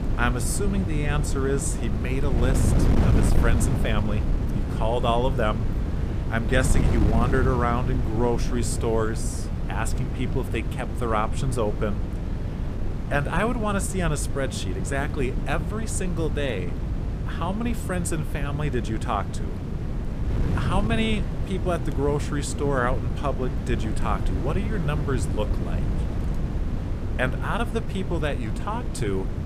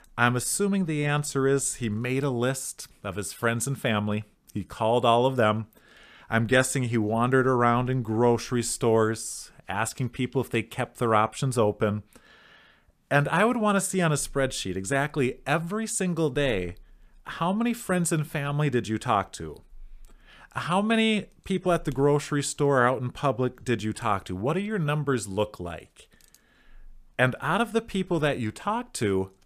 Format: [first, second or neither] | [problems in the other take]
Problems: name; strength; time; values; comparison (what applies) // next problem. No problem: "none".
second | wind noise on the microphone; heavy; 8 dB below the speech